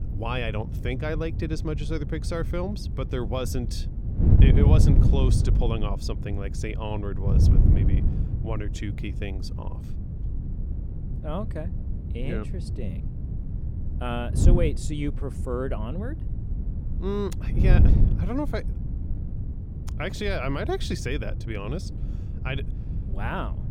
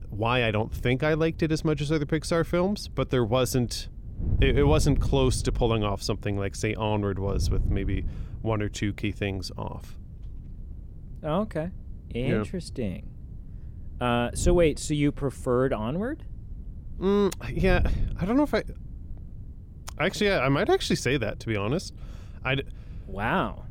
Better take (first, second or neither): second